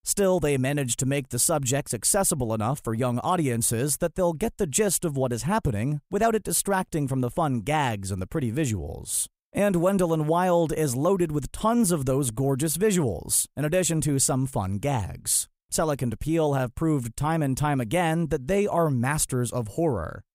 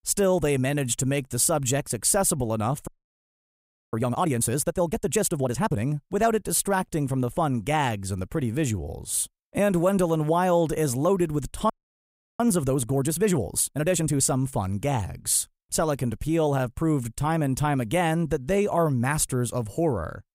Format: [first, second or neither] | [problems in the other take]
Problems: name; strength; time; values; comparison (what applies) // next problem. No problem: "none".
first | audio freezing; at 3 s for 1 s and at 12 s for 0.5 s